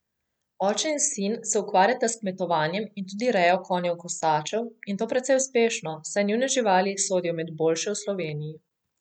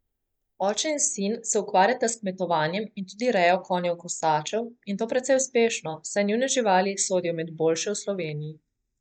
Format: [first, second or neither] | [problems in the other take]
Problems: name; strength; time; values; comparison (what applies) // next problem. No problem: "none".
first | noise reduction (neural mask model DeepFilterNet 3)